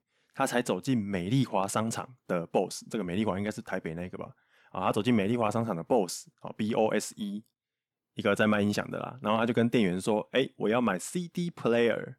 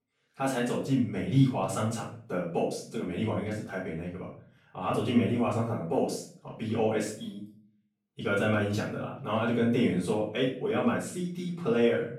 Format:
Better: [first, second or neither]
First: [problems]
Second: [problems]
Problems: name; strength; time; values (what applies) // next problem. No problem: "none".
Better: first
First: none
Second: off-mic speech; far // room echo; noticeable; dies away in 0.4 s